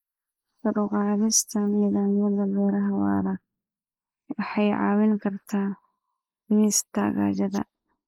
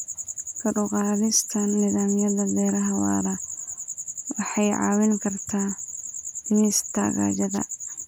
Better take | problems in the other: second | noise reduction (neural mask model Resemble Enhance denoiser)

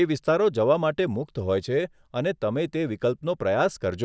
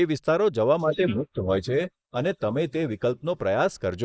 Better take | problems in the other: first | noise reduction (neural mask model Resemble Enhance denoiser)

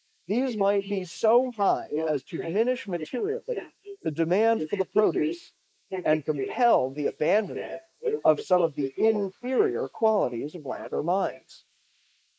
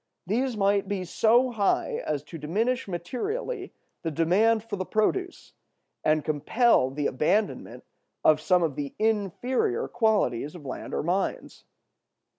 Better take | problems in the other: second | noise reduction (neural mask model Resemble Enhance denoiser)

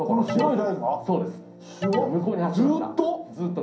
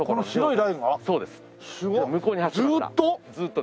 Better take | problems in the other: second | background sound (Alarm); 11 dB below the speech // room echo; dies away in 0.6 s

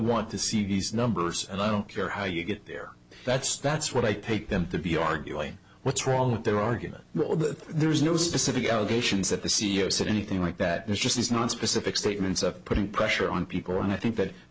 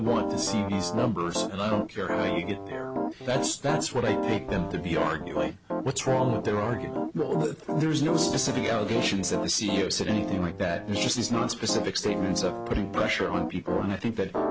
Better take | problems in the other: first | background sound (Piano); 3 dB below the speech

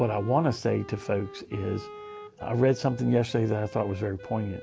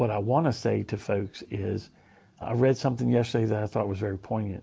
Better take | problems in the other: second | background sound (Wind instrument, woodwind instrument); 16 dB below the speech

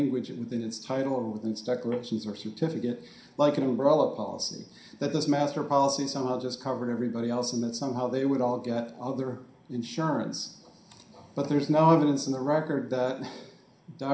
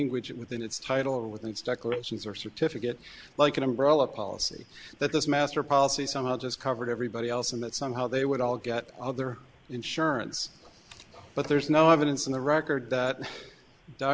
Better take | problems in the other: second | room echo; dies away in 0.5 s

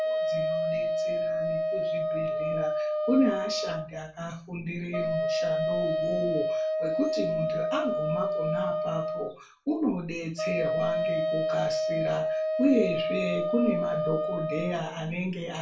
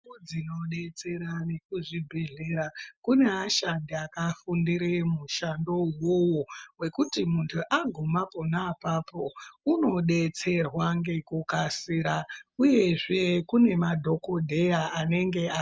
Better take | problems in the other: second | background sound (Wind instrument, woodwind instrument); 2 dB above the speech // room echo; dies away in 0.3 s

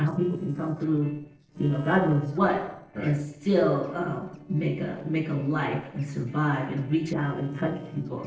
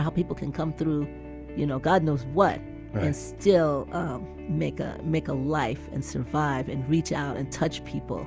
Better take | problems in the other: second | noise reduction (neural separator model SepFormer DNS4)

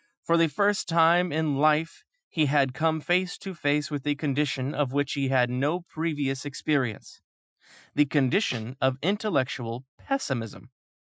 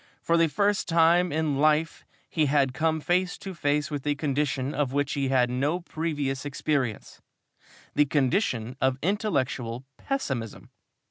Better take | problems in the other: second | noise reduction (classical method Wiener filter)

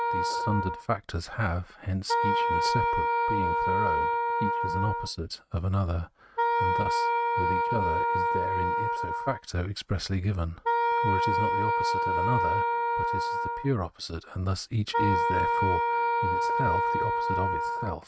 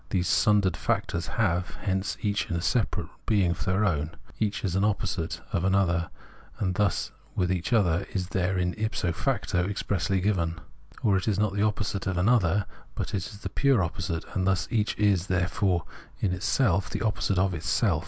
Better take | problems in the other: second | noise reduction (neural mask model RNNoise)

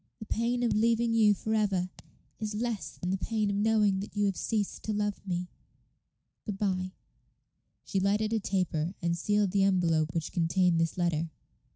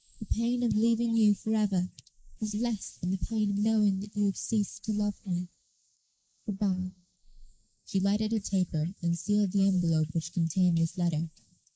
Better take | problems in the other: first | noise reduction (neural mask model Resemble Enhance denoiser)

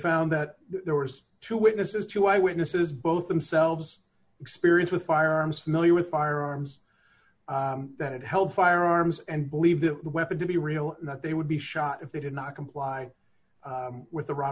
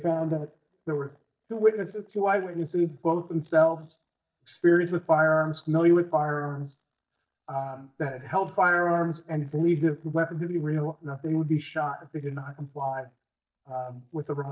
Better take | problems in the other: first | noise reduction (neural mask model DeepFilterNet 3)

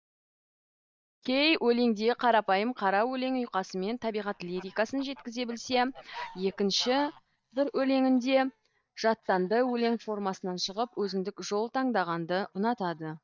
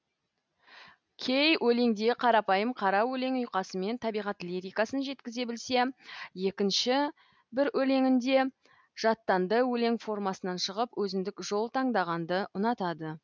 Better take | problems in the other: second | noise reduction (neural mask model DeepFilterNet 3)

